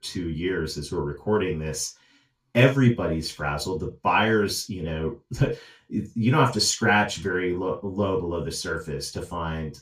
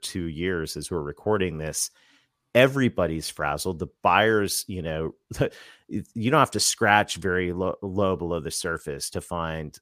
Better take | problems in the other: second | room echo; slight; dies away in 0.2 s // off-mic speech; far

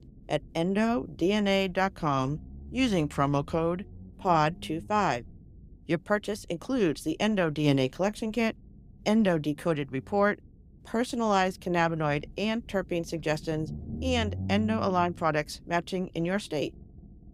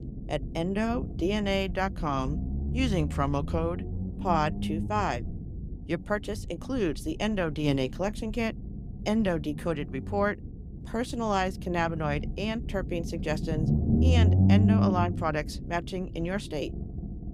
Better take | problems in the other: first | low rumble; loud; throughout; 9 dB below the speech; faint in the first

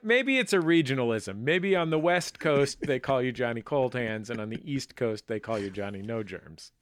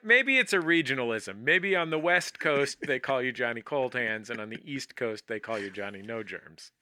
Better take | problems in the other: first | thin; very slightly; fading below 550 Hz

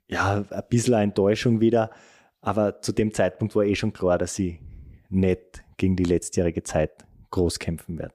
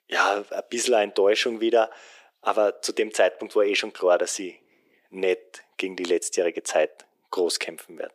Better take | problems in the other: first | thin; very; fading below 400 Hz

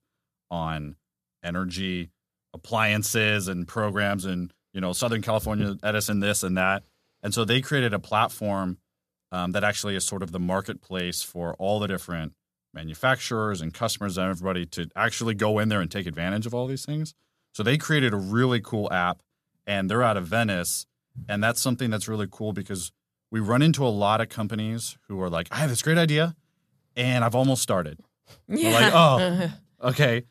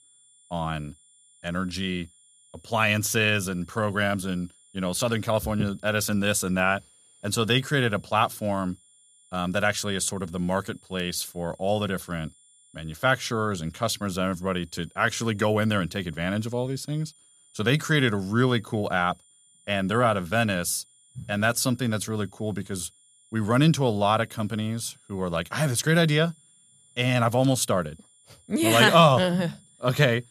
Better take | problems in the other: first | high-pitched whine; faint; throughout; 9 kHz, 30 dB below the speech

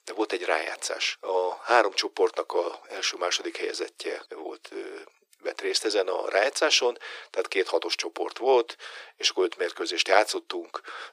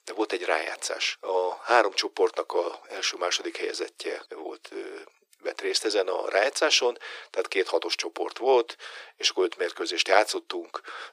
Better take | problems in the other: neither | thin; very; fading below 350 Hz; the same in both

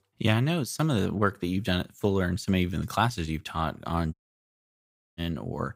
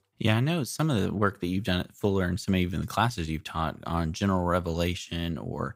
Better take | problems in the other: second | audio cutting out; at 4 s for 1 s

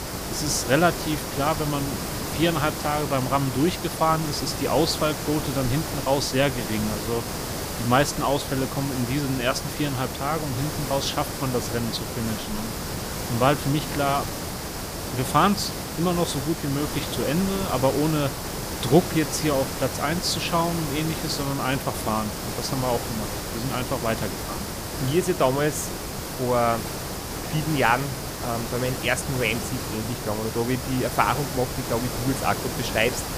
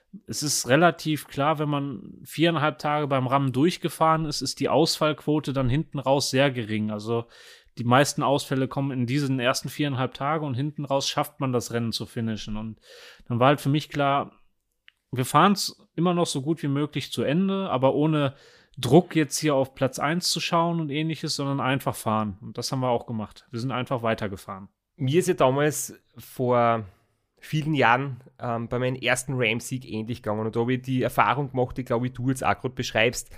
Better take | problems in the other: second | hiss; loud; throughout; 5 dB below the speech

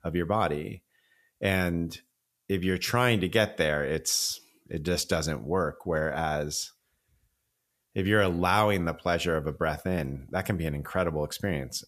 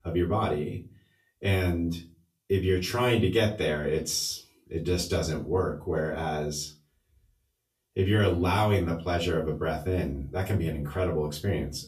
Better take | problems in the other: first | off-mic speech; far // room echo; very slight; dies away in 0.3 s

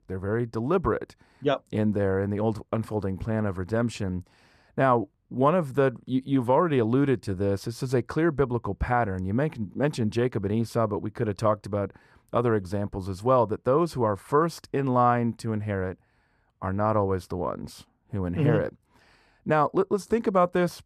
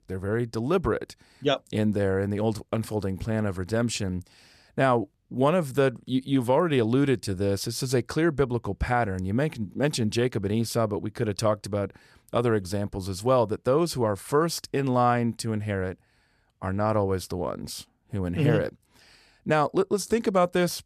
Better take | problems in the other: second | muffled; slightly; fading above 2.5 kHz

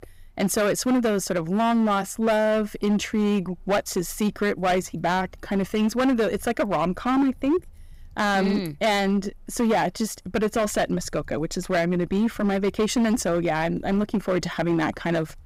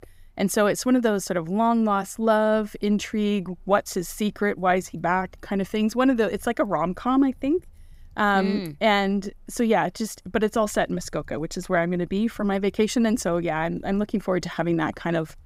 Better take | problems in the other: second | distortion; slight; 12% of the sound clipped

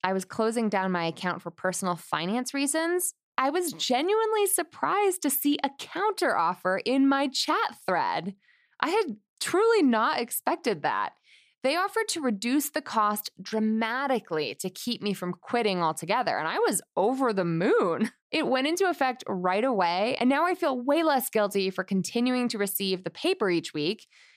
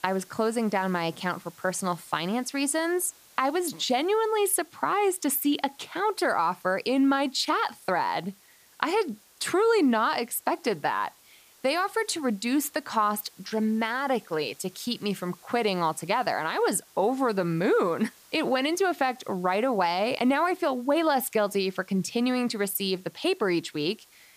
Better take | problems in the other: first | hiss; faint; throughout; 25 dB below the speech

